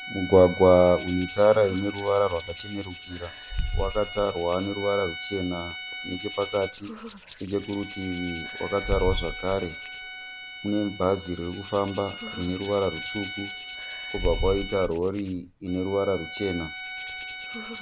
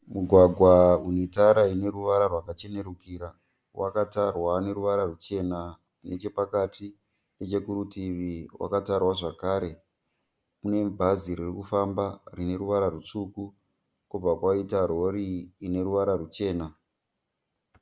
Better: second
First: background sound (Hands + Bowed string instrument); 8 dB below the speech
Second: none

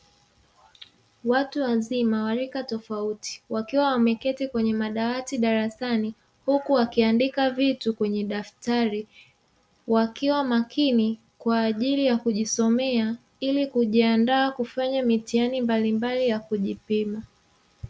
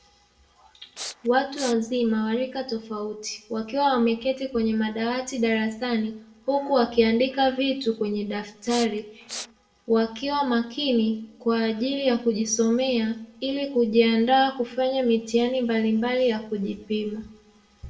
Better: first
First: none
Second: background sound (Respiratory sounds); 13 dB below the speech // room echo; dies away in 0.5 s

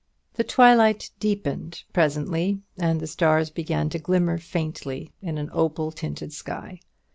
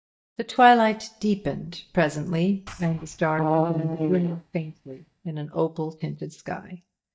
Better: first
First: none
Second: noise reduction (neural mask model DeepFilterNet 3)

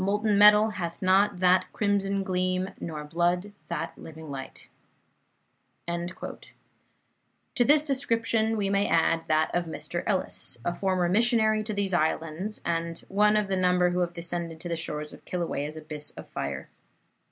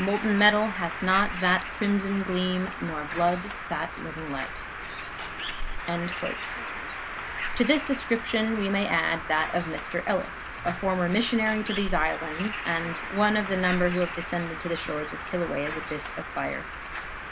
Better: first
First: none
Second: background sound (Bird); 6 dB below the speech

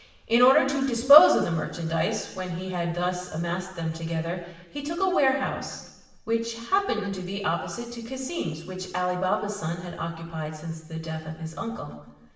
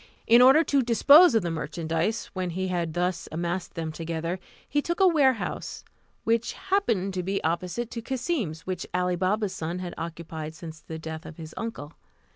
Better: second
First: room echo; dies away in 1 s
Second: none

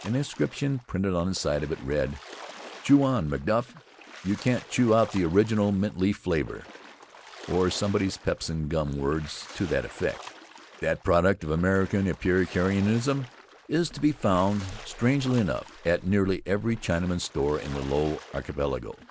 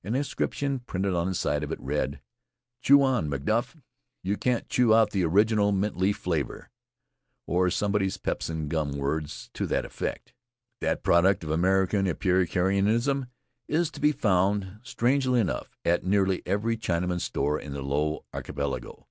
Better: second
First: background sound (Hammer + Splash, splatter); 19 dB below the speech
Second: none

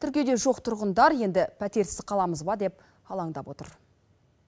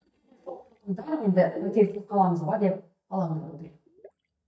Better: first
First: none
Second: noise reduction (neural mask model DeepFilterNet 3)

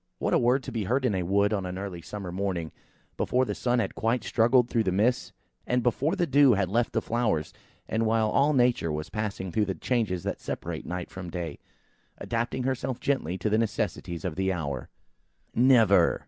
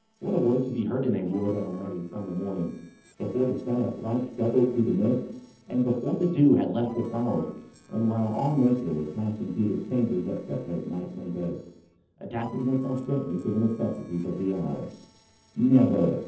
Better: first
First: none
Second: noise reduction (neural separator model SepFormer DNS4)

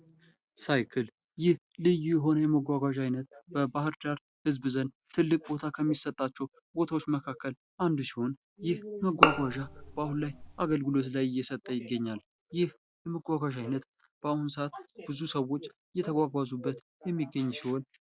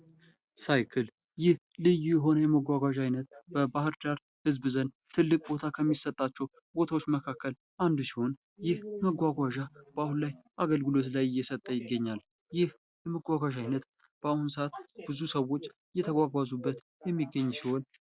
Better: second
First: background sound (Bowed string instrument); 2 dB above the speech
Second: none

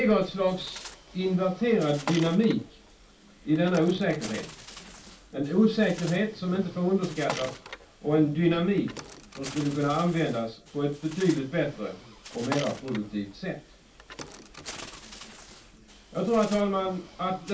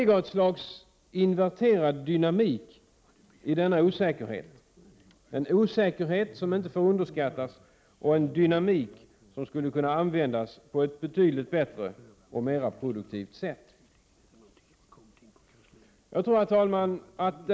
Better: second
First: background sound (Bird); 15 dB below the speech // room echo; dies away in 0.2 s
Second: none

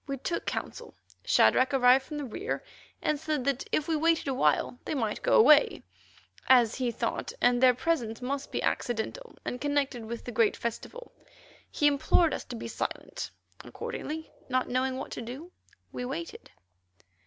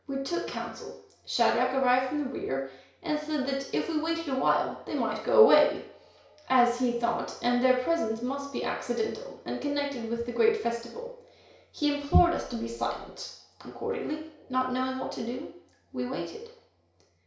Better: first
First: none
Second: room echo; dies away in 0.6 s

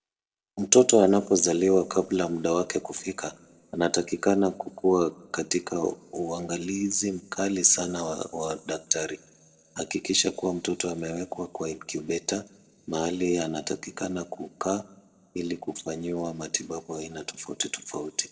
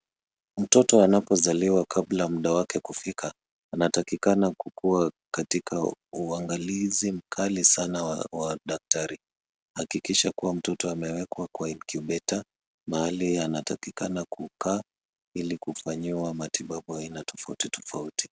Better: second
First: room echo; dies away in 2.4 s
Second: none

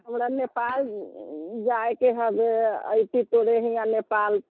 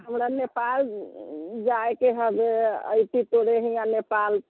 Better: second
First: noise reduction (neural mask model DeepFilterNet 3)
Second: none

